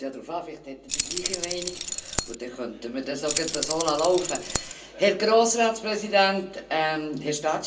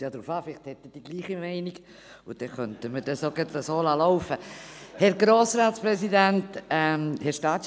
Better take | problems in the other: second | background sound (Keys jangling); 4 dB below the speech // room echo; dies away in 0.2 s

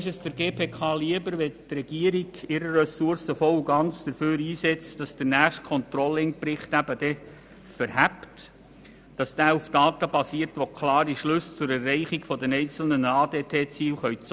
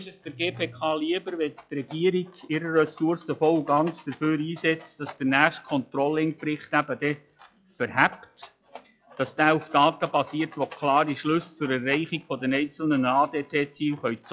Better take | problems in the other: first | noise reduction (classical method log-MMSE)

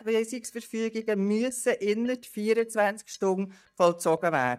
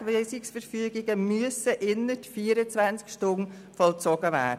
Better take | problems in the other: second | noise reduction (neural mask model DeepFilterNet 3)

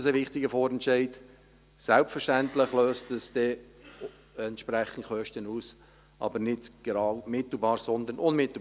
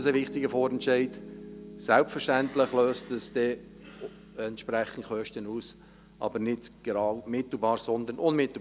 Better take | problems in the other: first | background sound (Piano); 18 dB below the speech

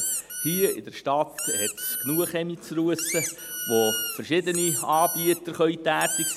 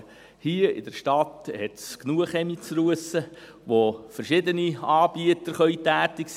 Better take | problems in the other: second | background sound (Squeak); 5 dB below the speech

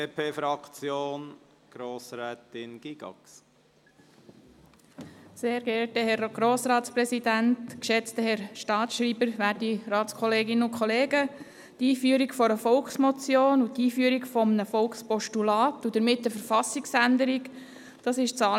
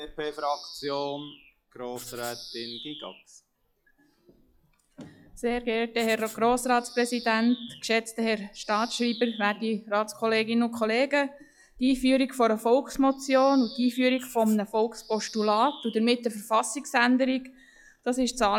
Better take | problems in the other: first | noise reduction (classical method log-MMSE)

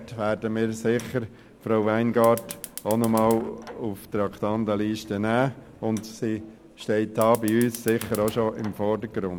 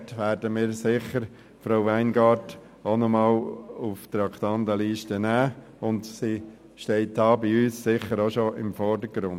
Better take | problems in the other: second | background sound (Fire); 19 dB below the speech

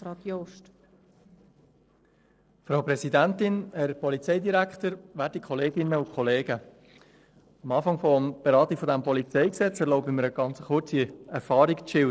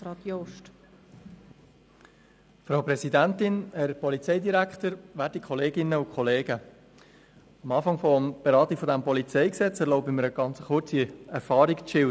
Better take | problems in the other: second | noise reduction (neural separator model SepFormer DNS4)

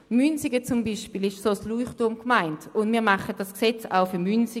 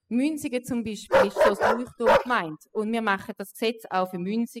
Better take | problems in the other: first | noise reduction (classical method spectral subtraction)

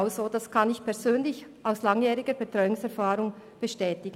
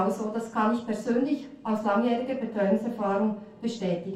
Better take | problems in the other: first | room echo; dies away in 0.3 s

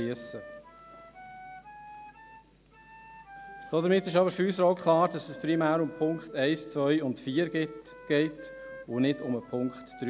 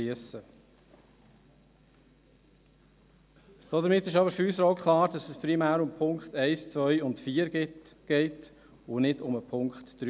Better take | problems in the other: second | background sound (Wind instrument, woodwind instrument); 17 dB below the speech

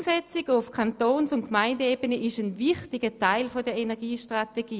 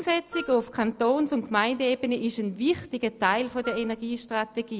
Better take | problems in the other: first | background sound (Wind instrument, woodwind instrument); 15 dB below the speech

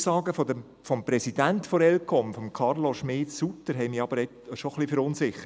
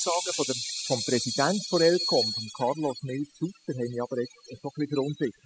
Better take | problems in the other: first | noise reduction (classical method spectral subtraction)

